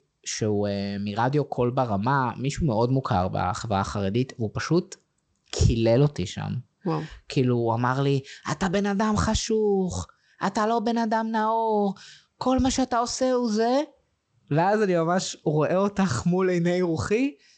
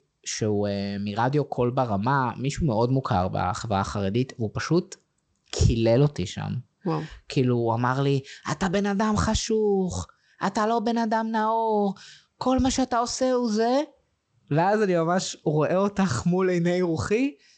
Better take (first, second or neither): neither